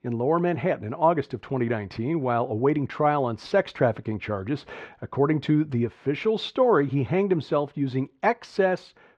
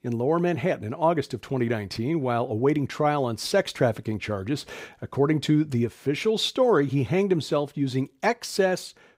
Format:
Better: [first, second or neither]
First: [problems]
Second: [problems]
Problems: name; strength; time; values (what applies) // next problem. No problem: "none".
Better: second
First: muffled; slightly; fading above 3 kHz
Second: none